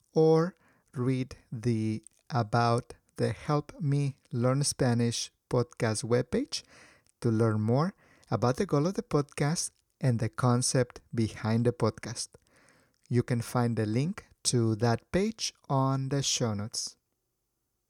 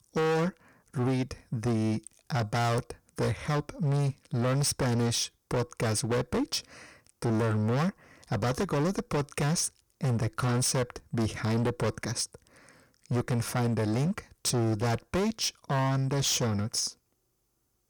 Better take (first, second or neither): first